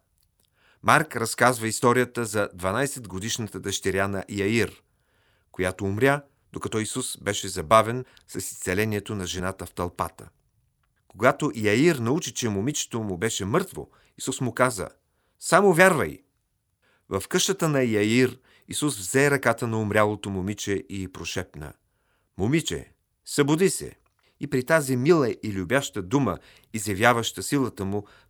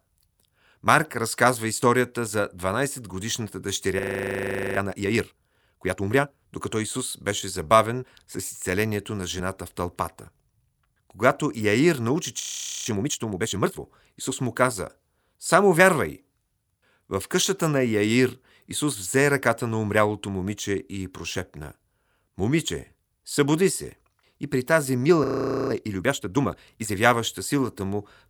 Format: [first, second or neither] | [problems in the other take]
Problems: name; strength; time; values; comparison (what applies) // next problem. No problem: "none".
first | audio freezing; at 4 s for 1 s, at 12 s and at 25 s